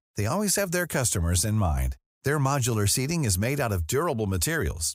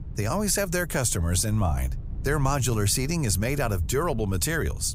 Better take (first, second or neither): first